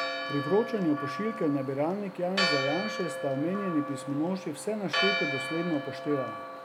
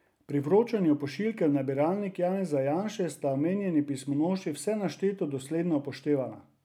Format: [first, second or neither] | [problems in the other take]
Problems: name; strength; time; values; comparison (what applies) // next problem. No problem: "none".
second | background sound (Church bell); 3 dB below the speech